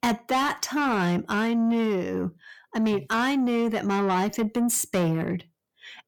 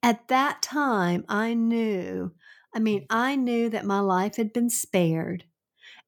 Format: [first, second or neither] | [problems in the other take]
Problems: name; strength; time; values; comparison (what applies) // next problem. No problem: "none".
second | distortion; slight; 10 dB below the speech